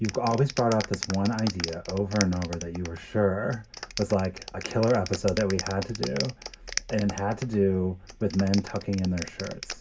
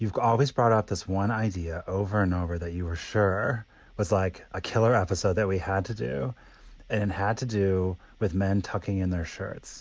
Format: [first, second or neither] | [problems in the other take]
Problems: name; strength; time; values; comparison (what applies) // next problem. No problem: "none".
second | background sound (Clapping); 12 dB below the speech // room echo; dies away in 0.2 s